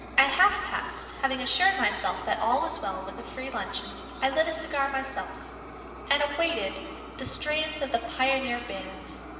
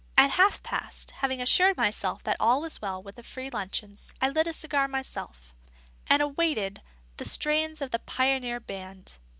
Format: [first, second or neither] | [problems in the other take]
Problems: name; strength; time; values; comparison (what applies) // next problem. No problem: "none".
second | background sound (Fire); 13 dB below the speech // room echo; dies away in 2.4 s